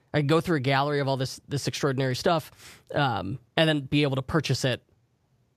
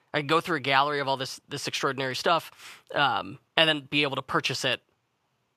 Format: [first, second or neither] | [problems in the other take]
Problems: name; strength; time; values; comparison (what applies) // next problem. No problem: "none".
first | thin; somewhat; fading below 400 Hz